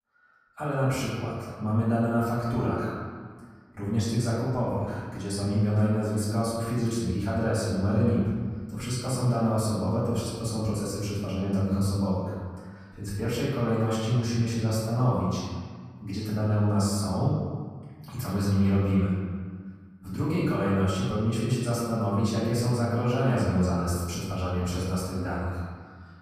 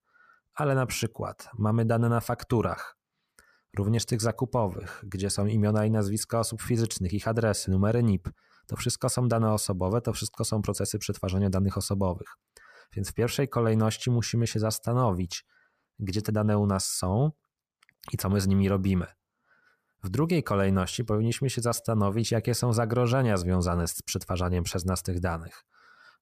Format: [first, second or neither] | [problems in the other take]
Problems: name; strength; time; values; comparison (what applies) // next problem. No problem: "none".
second | off-mic speech; far // room echo; strong; dies away in 1.6 s